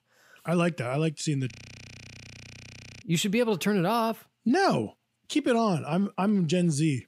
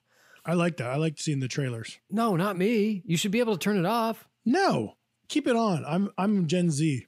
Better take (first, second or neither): second